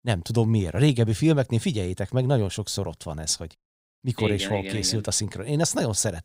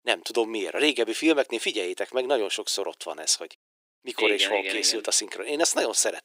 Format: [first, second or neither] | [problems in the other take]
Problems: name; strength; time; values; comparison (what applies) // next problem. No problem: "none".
first | thin; very; fading below 350 Hz